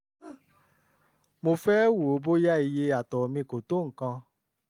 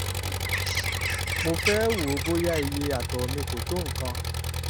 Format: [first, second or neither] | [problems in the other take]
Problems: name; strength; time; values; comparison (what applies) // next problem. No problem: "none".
first | background sound (Bird + Engine); 2 dB above the speech